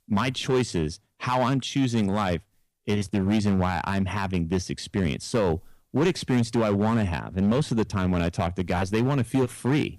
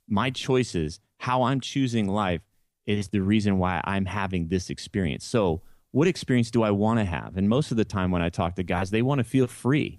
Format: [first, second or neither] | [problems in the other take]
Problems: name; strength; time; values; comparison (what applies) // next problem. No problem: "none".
second | distortion; slight; 7% of the sound clipped